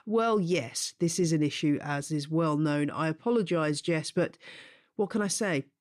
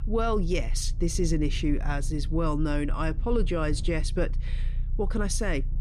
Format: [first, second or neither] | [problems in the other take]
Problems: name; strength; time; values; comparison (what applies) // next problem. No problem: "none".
first | low rumble; faint; throughout; 20 dB below the speech